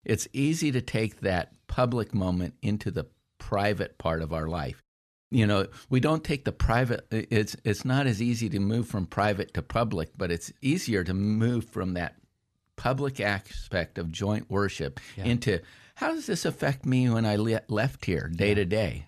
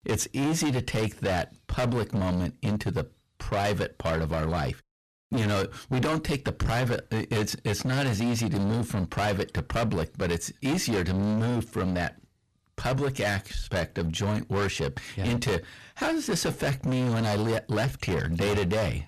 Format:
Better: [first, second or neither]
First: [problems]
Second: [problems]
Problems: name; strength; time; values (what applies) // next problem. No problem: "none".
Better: first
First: none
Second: distortion; heavy; 24% of the sound clipped